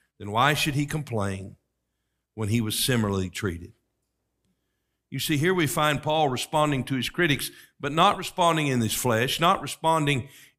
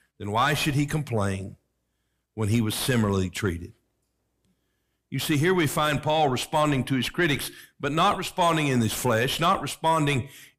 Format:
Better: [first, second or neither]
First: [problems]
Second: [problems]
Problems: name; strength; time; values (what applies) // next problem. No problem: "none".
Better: first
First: none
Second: distortion; slight; 10 dB below the speech